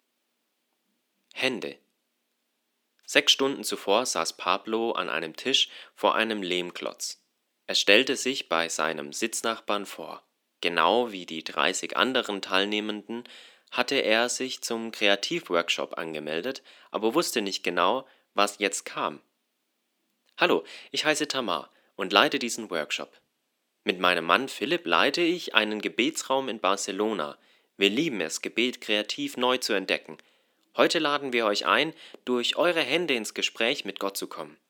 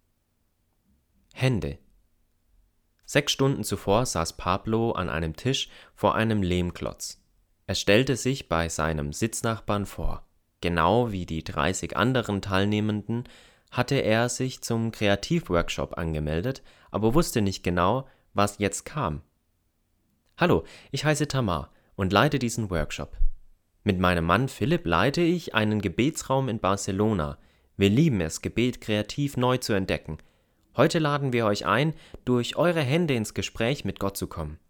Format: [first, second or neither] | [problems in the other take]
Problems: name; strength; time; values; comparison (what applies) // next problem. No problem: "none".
second | thin; somewhat; fading below 250 Hz